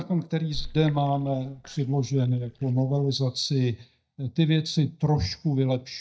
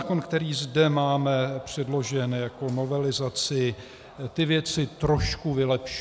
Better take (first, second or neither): second